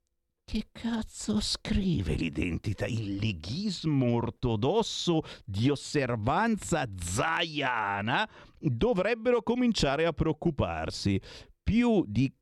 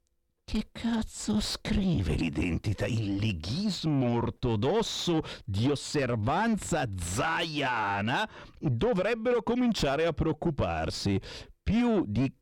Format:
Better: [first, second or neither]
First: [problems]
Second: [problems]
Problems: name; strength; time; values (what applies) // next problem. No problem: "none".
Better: first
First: none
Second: distortion; slight; 10 dB below the speech